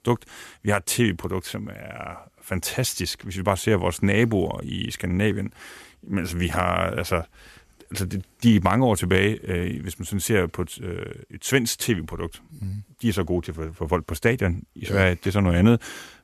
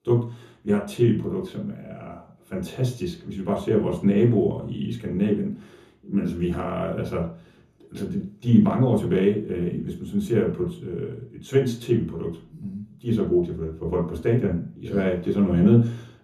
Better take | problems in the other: first | room echo; noticeable; dies away in 0.6 s // off-mic speech; far

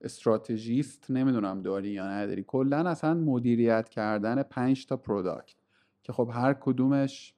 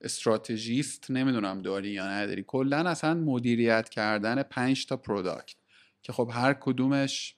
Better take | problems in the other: second | muffled; slightly; fading above 1 kHz

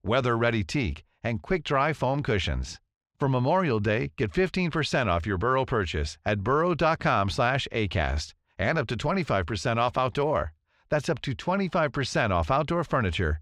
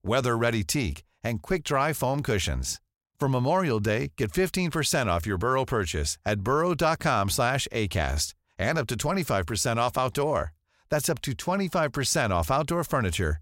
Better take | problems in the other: second | muffled; slightly; fading above 3 kHz

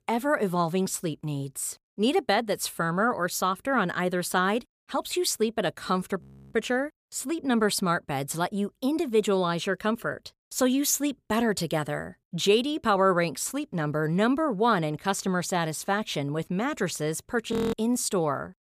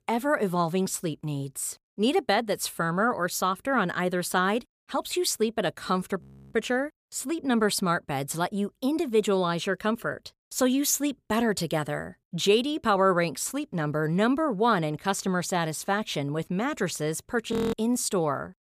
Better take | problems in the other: neither | audio freezing; at 6 s and at 18 s; the same in both

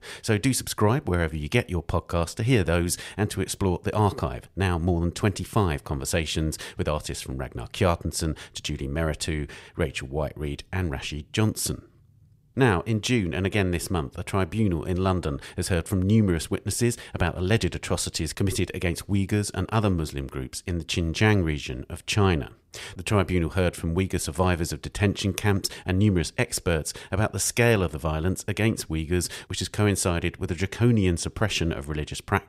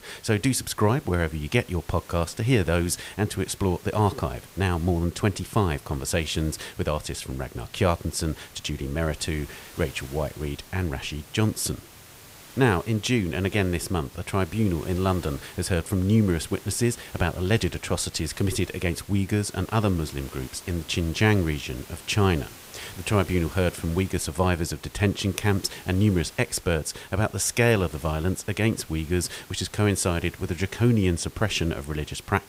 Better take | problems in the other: first | hiss; noticeable; throughout; 20 dB below the speech

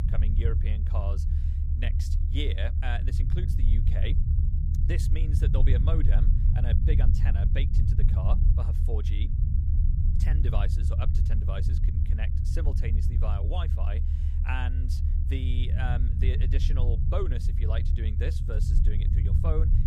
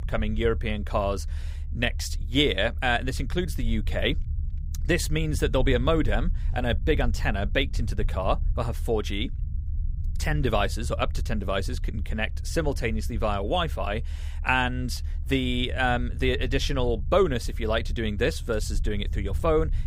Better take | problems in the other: second | low rumble; loud; throughout; 3 dB below the speech; faint in the second

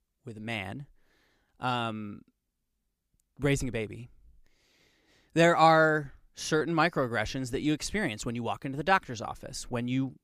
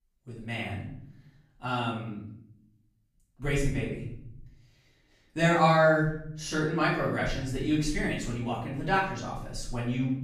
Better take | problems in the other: first | off-mic speech; far // room echo; noticeable; dies away in 0.7 s

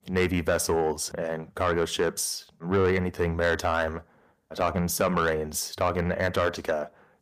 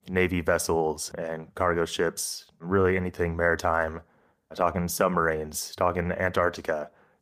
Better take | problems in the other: second | distortion; slight; 10 dB below the speech

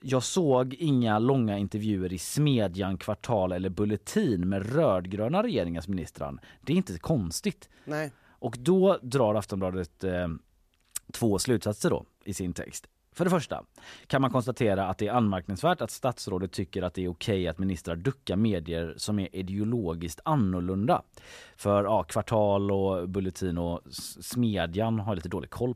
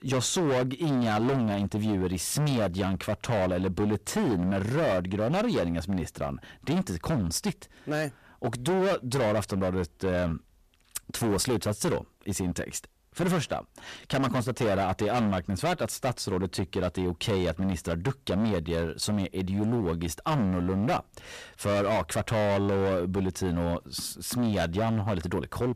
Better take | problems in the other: first | distortion; heavy; 19% of the sound clipped

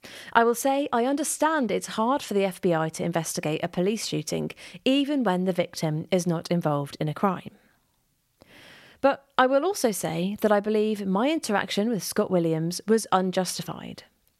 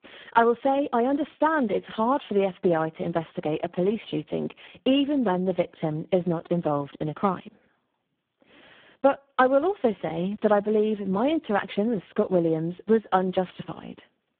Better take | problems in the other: first | phone-call audio; poor line

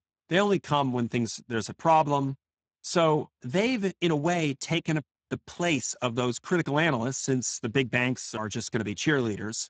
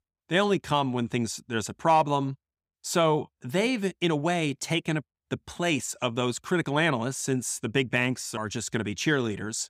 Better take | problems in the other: second | garbled, watery; badly; nothing above 7.5 kHz

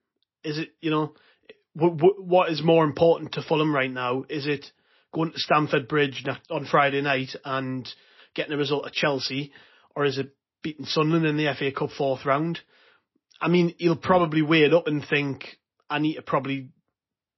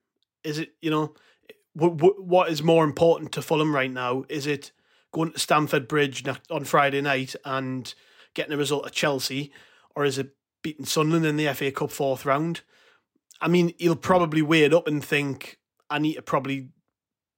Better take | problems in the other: second | garbled, watery; slightly; nothing above 5.5 kHz

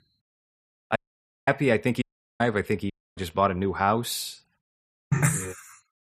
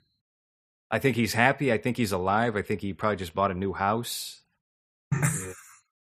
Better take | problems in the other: second | audio cutting out; at 1 s for 0.5 s, at 2 s and at 3 s

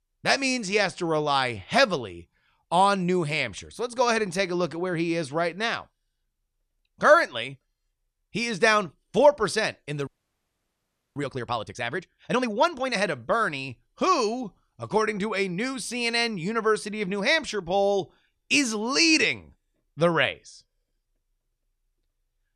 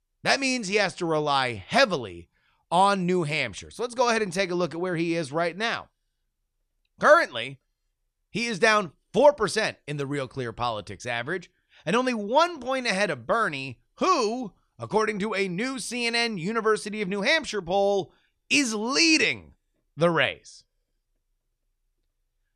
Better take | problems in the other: second | audio freezing; at 10 s for 1 s

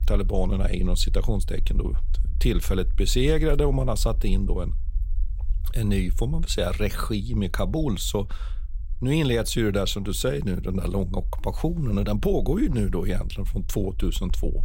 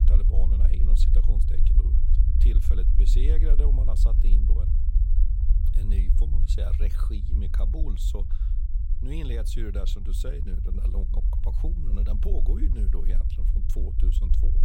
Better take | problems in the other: first | low rumble; loud; throughout; 3 dB below the speech; faint in the first

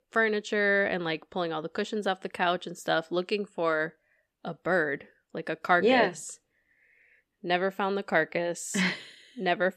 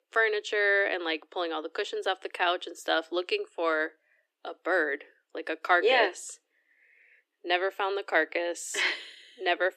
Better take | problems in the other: first | thin; very; fading below 300 Hz

